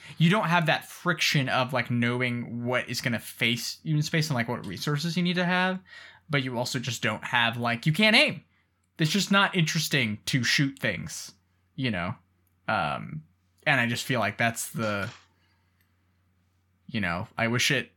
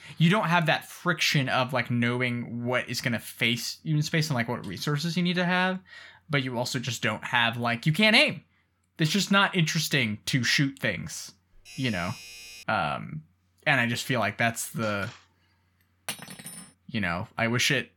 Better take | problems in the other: first | doorbell; faint; from 12 to 13 s; peak 15 dB below the speech // clattering dishes; faint; at 16 s; peak 10 dB below the speech

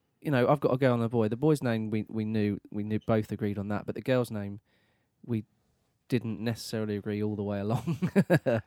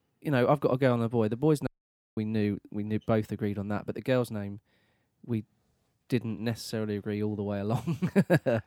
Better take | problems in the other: first | audio cutting out; at 1.5 s for 0.5 s

